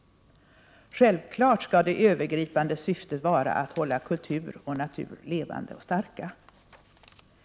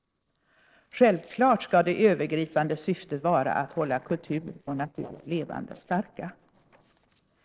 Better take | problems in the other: first | noise reduction (neural separator model SepFormer DNS4)

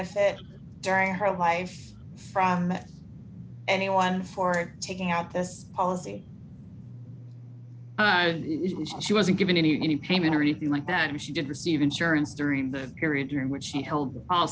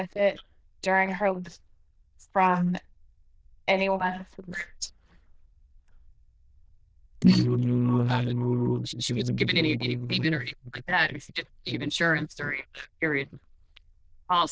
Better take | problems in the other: first | noise reduction (neural diffusion model UNIVERSE++)

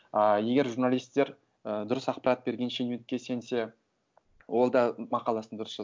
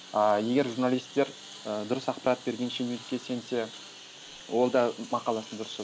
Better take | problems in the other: first | background sound (Engine); 17 dB below the speech

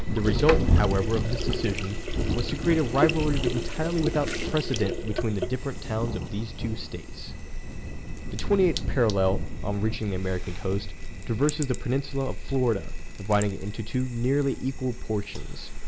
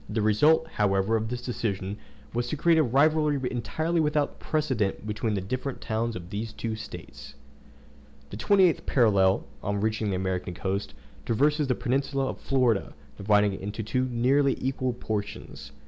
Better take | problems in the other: second | background sound (Sink (filling or washing) + Thunder); 1 dB below the speech

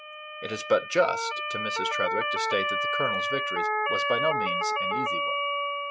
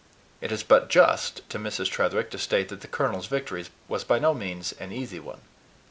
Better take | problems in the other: second | noise reduction (classical method spectral subtraction)

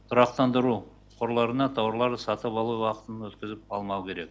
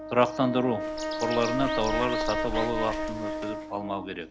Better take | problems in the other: first | background sound (Bird + Brass instrument); 2 dB below the speech

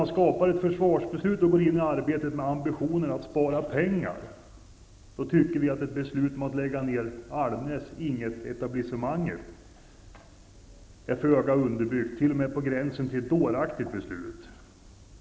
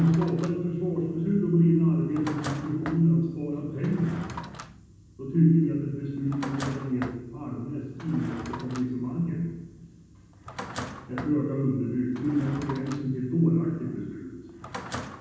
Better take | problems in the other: first | background sound (Drawer open or close); 15 dB below the speech // room echo; dies away in 1.2 s

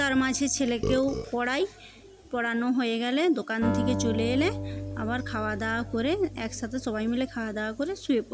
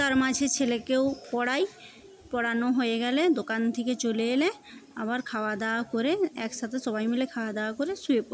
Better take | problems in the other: second | background sound (Burping, eructation + Acoustic guitar); 8 dB below the speech

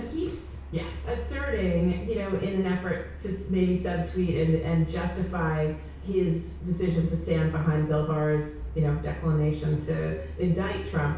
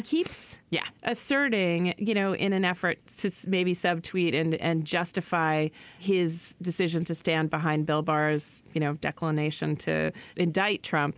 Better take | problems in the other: second | background sound (Truck); 10 dB below the speech // room echo; dies away in 0.6 s

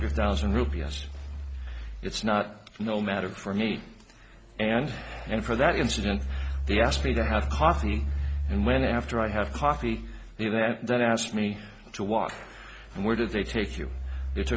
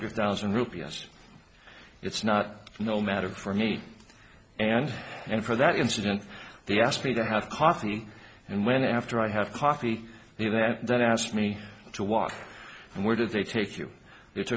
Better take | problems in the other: second | background sound (Engine); 4 dB below the speech

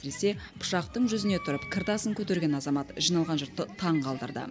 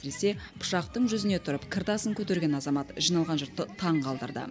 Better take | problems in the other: second | background sound (Wind instrument, woodwind instrument); 15 dB below the speech

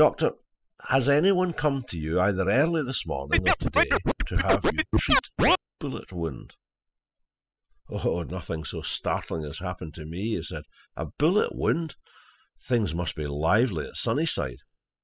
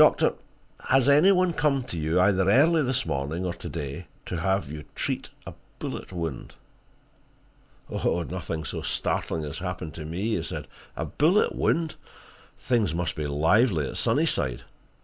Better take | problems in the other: second | noise reduction (classical method spectral subtraction)

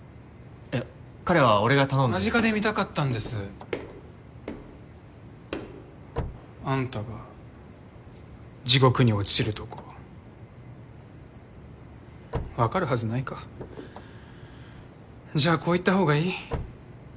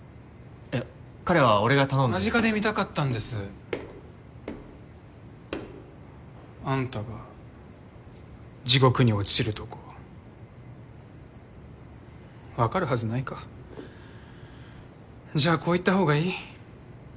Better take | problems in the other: second | background sound (Slam / Car); 15 dB below the speech

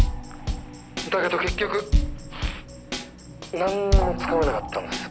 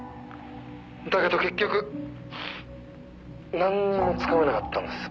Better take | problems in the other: second | background sound (Drum kit); 1 dB above the speech

